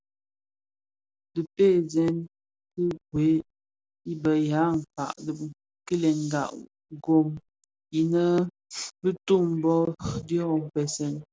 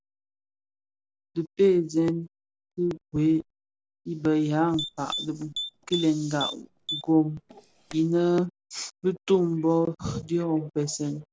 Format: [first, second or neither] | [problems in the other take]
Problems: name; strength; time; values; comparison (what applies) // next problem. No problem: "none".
first | background sound (Typing); 11 dB below the speech